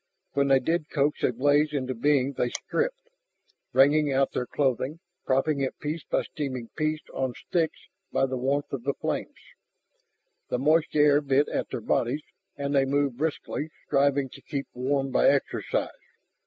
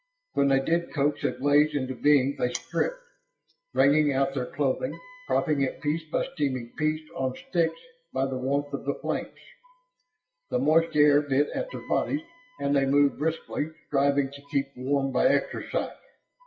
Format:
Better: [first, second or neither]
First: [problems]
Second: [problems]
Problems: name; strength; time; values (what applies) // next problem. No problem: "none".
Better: first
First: none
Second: noise reduction (classical method WPE with log-MMSE)